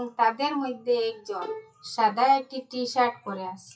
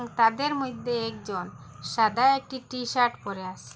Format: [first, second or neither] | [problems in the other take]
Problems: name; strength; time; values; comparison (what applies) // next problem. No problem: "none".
second | noise reduction (classical method WPE with log-MMSE)